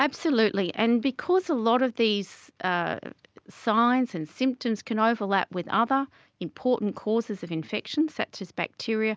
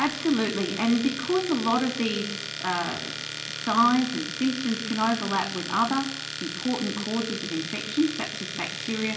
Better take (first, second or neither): first